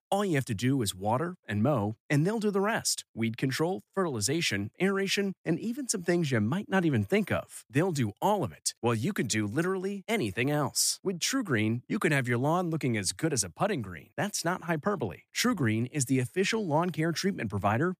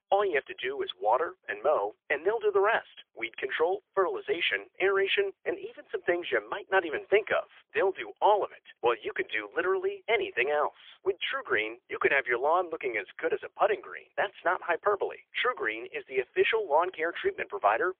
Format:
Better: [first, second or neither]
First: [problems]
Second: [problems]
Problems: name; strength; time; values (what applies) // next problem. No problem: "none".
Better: first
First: none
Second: phone-call audio; poor line; nothing above 3.5 kHz